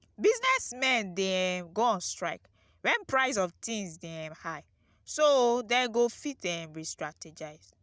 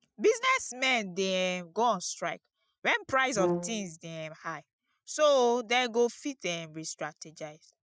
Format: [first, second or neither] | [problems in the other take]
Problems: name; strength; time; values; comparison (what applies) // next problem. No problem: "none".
first | noise reduction (classical method Wiener filter)